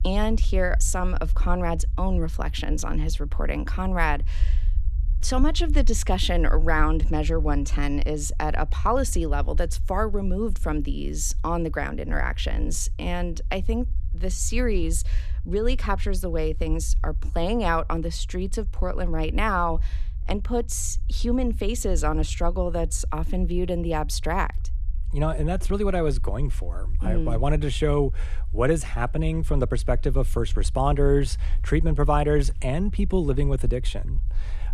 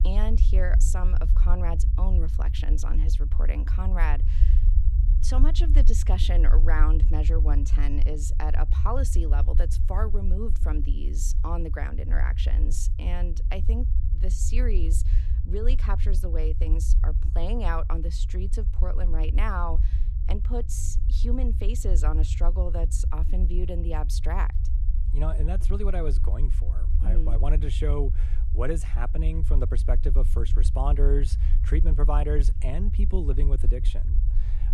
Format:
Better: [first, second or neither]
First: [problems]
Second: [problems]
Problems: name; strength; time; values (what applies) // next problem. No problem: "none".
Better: first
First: low rumble; faint; throughout; 25 dB below the speech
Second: low rumble; loud; throughout; 10 dB below the speech